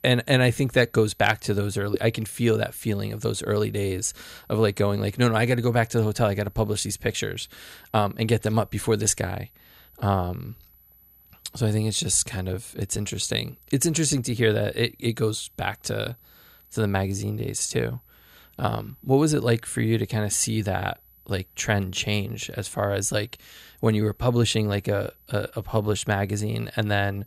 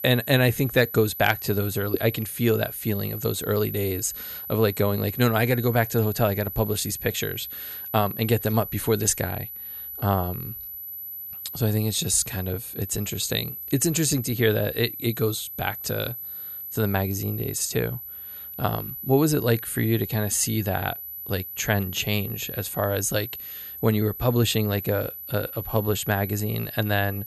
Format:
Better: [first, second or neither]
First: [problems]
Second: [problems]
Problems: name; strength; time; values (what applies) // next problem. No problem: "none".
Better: first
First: high-pitched whine; faint; throughout; 12 kHz, 30 dB below the speech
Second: high-pitched whine; loud; throughout; 12 kHz, 8 dB below the speech